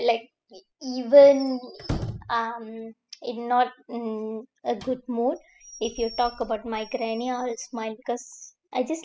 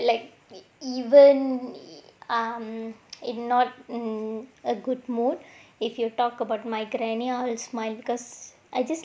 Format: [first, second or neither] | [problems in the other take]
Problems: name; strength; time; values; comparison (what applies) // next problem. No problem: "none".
second | noise reduction (classical method spectral subtraction)